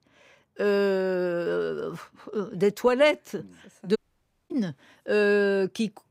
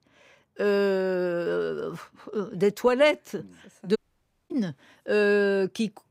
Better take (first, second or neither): neither